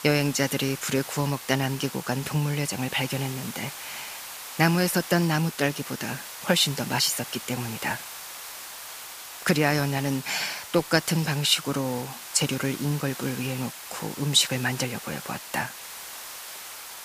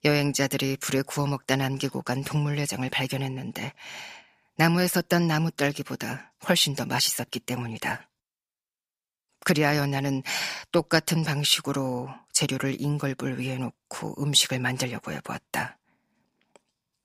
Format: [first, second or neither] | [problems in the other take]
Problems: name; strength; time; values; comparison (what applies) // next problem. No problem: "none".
second | hiss; noticeable; throughout; 10 dB below the speech